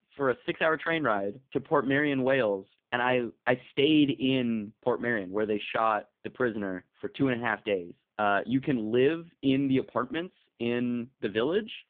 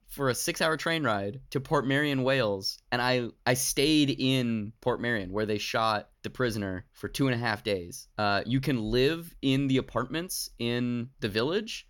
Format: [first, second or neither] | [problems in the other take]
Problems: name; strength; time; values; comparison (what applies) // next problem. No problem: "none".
second | phone-call audio; poor line